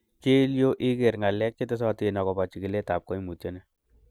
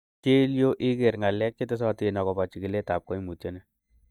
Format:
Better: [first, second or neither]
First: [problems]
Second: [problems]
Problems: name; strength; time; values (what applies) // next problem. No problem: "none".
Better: first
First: none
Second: noise reduction (neural mask model DeepFilterNet 3)